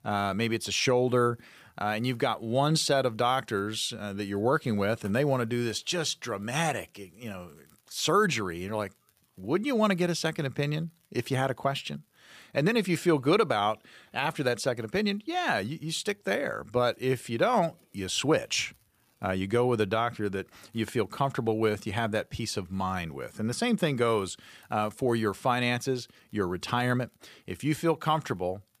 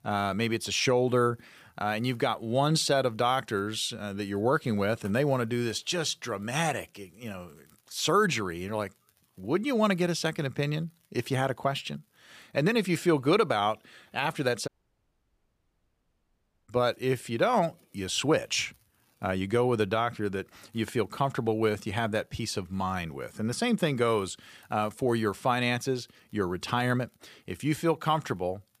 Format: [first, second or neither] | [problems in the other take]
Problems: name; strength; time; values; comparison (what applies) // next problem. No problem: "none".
first | audio cutting out; at 15 s for 2 s